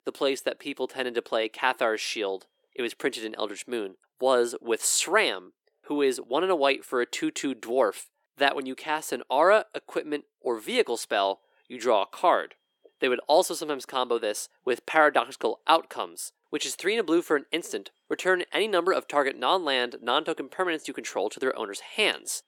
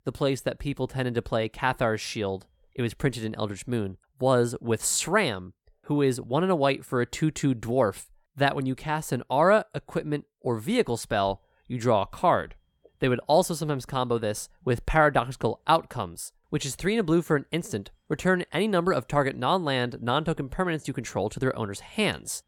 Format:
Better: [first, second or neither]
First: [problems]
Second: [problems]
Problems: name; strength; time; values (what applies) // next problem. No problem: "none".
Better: second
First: thin; somewhat; fading below 350 Hz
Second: none